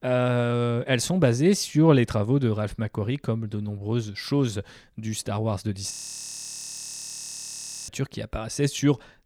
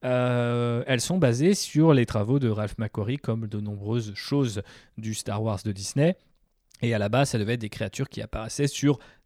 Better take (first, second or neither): second